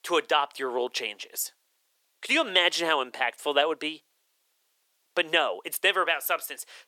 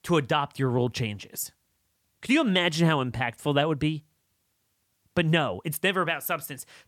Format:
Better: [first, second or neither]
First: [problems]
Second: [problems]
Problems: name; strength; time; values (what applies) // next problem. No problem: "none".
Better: second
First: thin; very; fading below 400 Hz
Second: none